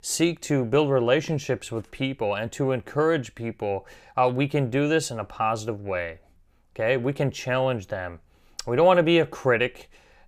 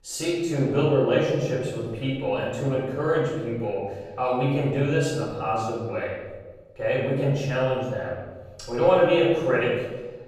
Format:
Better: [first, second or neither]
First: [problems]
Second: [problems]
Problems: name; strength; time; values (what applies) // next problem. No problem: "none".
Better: first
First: none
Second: room echo; strong; dies away in 1.2 s // off-mic speech; far